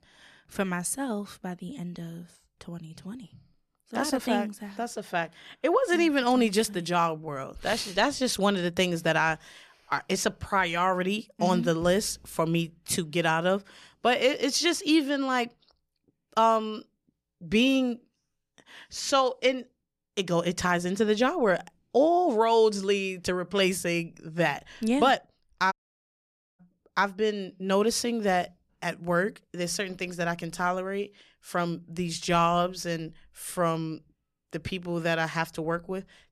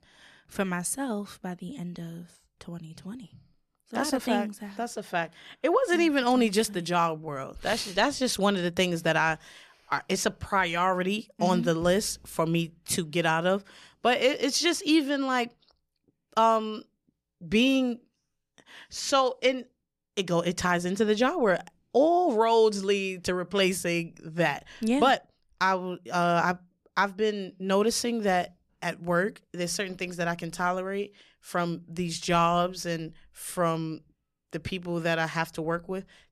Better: second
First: audio cutting out; at 26 s for 1 s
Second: none

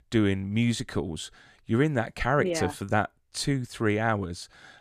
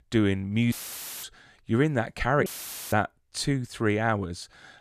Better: first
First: none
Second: audio cutting out; filled with static; at 0.5 s for 0.5 s and at 2.5 s

